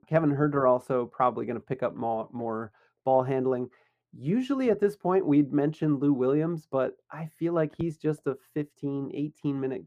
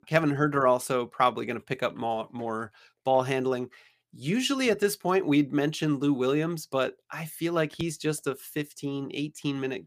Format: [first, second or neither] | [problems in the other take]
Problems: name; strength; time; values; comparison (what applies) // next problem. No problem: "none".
second | muffled; very; fading above 2 kHz